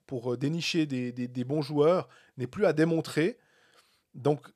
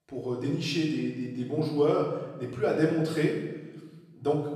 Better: first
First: none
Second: off-mic speech; far // room echo; noticeable; dies away in 1 s

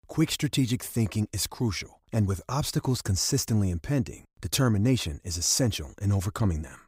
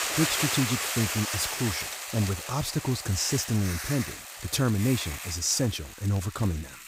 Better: first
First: none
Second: hiss; loud; throughout; 3 dB below the speech

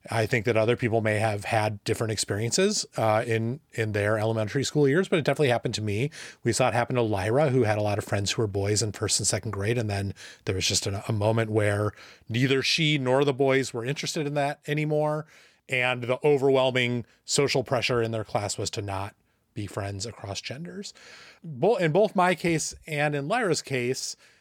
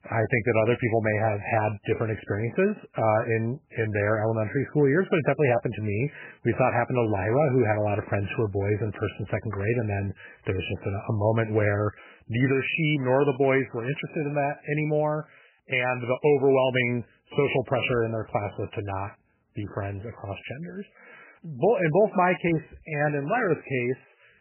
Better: first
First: none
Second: garbled, watery; badly; nothing above 3 kHz

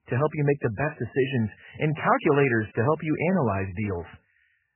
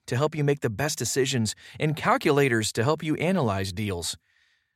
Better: second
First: garbled, watery; badly; nothing above 3 kHz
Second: none

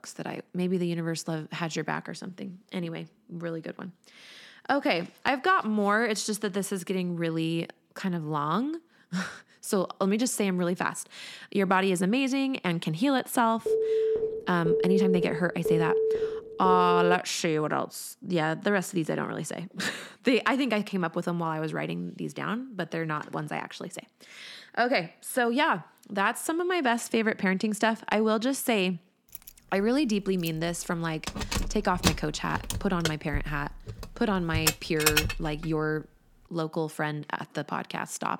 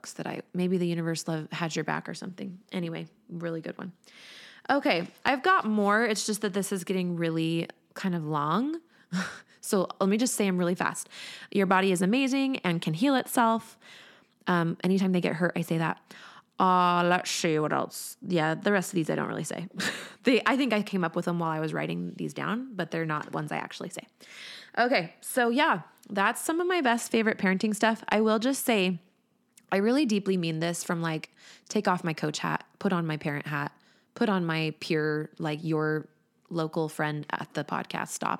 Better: second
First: phone ringing; loud; from 14 to 17 s; peak 3 dB above the speech // jangling keys; loud; from 29 to 35 s; peak 4 dB above the speech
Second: none

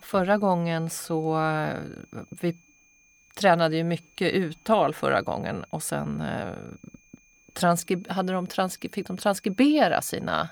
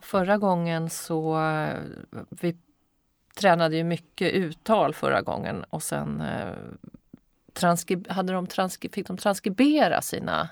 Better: second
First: high-pitched whine; faint; throughout; 2.5 kHz, 30 dB below the speech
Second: none

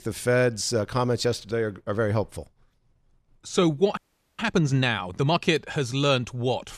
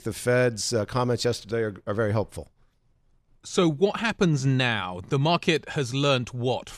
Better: second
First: audio freezing; at 4 s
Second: none

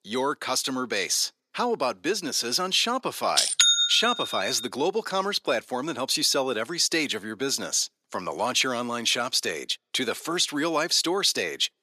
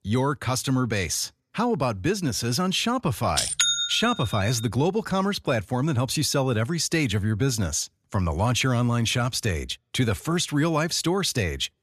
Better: second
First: thin; somewhat; fading below 300 Hz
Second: none

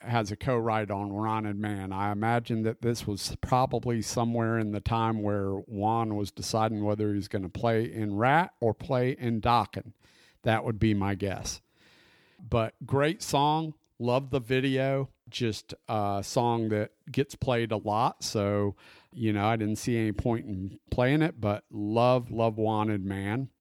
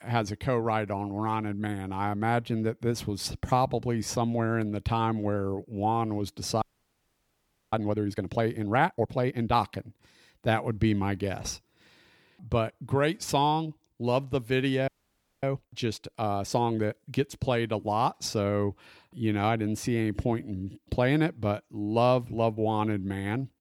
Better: first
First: none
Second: audio freezing; at 6.5 s for 1 s and at 15 s for 0.5 s

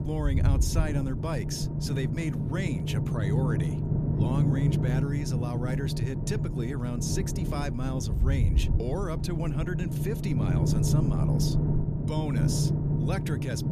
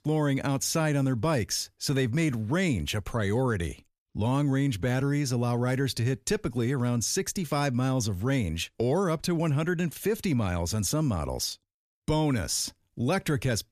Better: second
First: low rumble; loud; throughout; 1 dB below the speech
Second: none

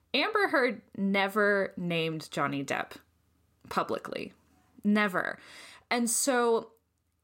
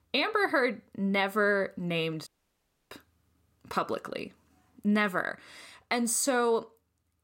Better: first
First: none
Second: audio cutting out; at 2.5 s for 0.5 s

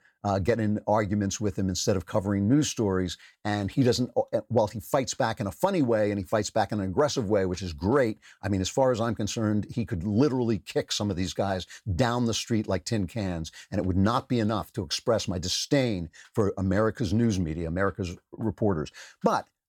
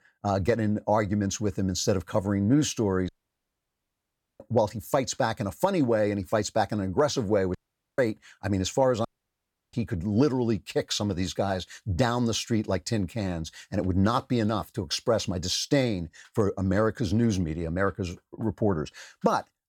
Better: first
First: none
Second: audio cutting out; at 3 s for 1.5 s, at 7.5 s and at 9 s for 0.5 s

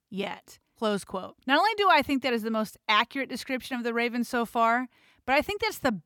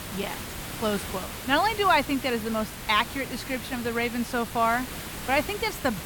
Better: first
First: none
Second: hiss; loud; throughout; 9 dB below the speech

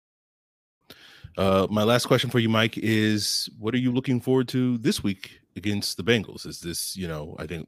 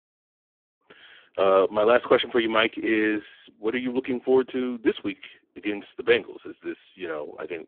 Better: first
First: none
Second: phone-call audio; poor line; nothing above 3.5 kHz

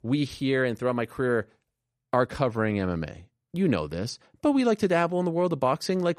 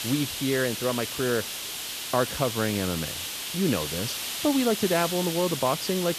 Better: first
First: none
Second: hiss; loud; throughout; 3 dB below the speech

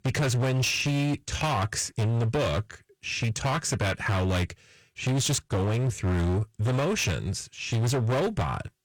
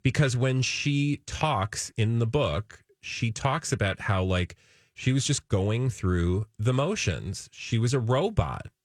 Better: second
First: distortion; heavy; 22% of the sound clipped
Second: none

